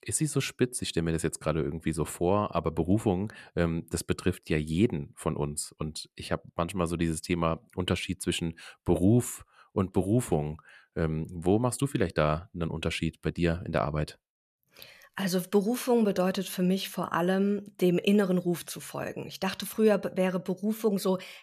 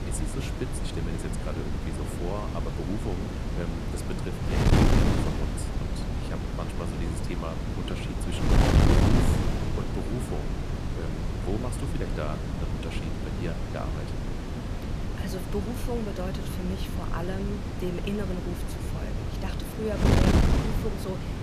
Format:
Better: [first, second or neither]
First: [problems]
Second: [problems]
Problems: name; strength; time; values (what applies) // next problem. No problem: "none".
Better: first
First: none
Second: wind noise on the microphone; heavy; 4 dB above the speech